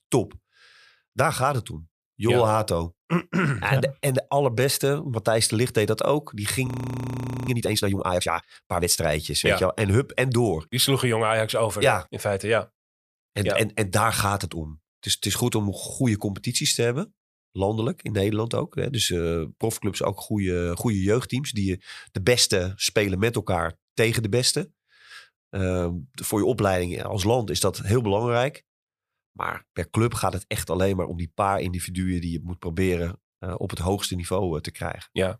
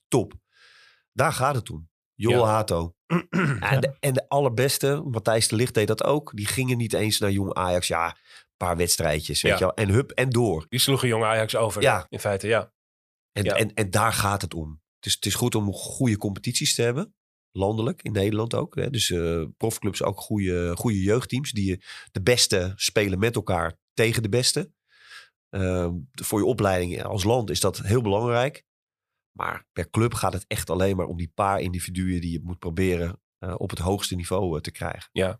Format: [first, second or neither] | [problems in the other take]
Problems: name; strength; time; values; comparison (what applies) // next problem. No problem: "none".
second | audio freezing; at 6.5 s for 1 s